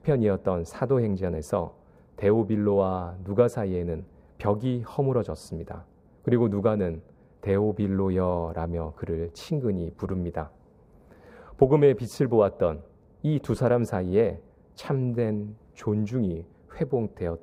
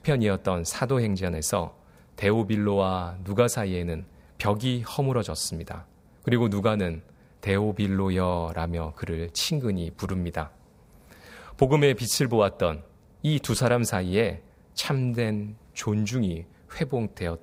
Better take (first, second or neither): second